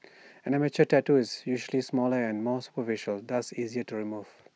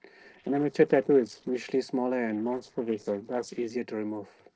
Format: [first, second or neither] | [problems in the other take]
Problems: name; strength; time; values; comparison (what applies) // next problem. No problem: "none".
first | noise reduction (neural separator model SepFormer DNS4)